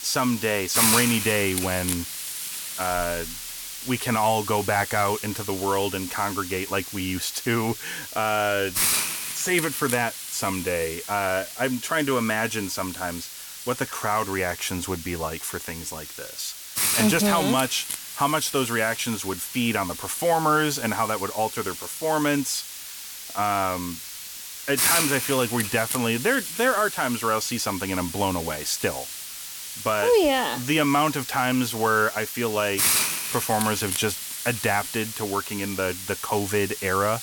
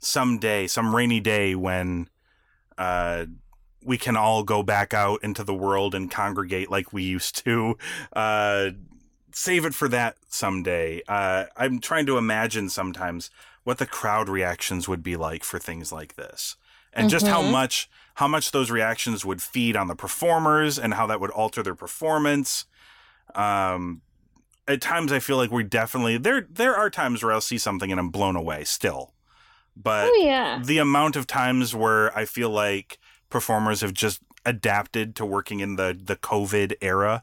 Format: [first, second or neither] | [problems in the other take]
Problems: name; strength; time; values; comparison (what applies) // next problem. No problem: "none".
second | hiss; loud; throughout; 4 dB below the speech